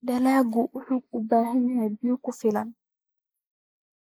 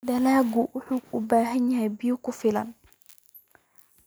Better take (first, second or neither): second